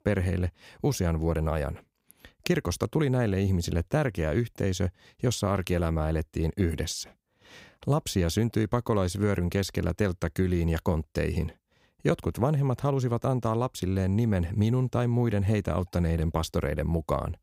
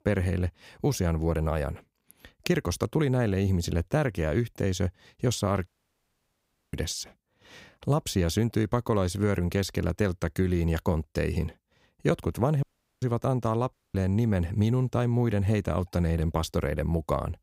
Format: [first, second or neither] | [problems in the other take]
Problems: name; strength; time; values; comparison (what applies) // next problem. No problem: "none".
first | audio cutting out; at 5.5 s for 1 s, at 13 s and at 14 s